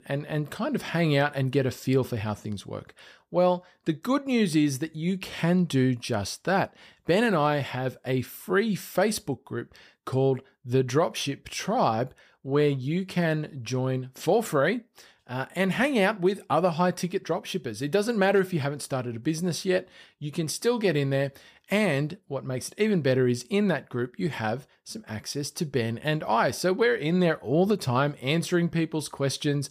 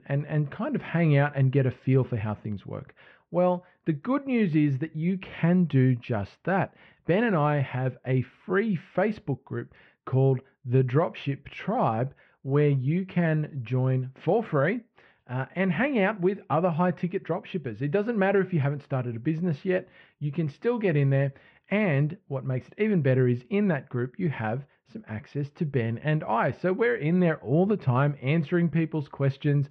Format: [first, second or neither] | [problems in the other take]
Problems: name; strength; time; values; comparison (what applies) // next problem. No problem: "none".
first | muffled; very; fading above 2.5 kHz